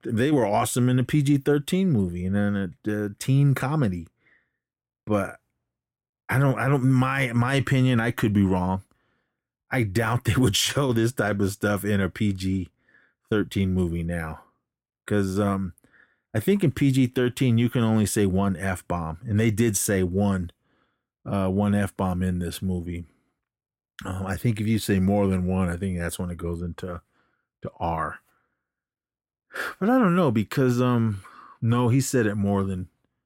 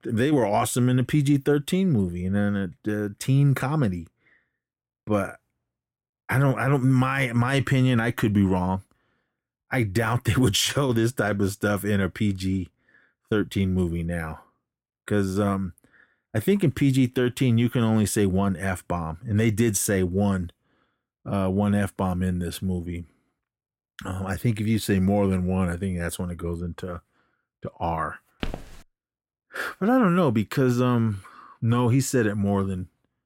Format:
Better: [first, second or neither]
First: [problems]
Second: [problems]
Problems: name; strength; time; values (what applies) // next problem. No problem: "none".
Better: first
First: none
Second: footsteps; faint; at 28 s; peak 10 dB below the speech